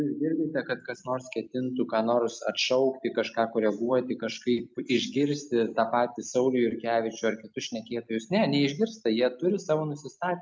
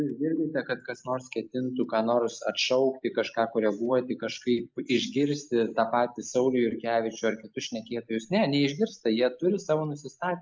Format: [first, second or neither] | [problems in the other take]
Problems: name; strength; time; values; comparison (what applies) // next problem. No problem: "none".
first | noise reduction (neural mask model Resemble Enhance denoiser)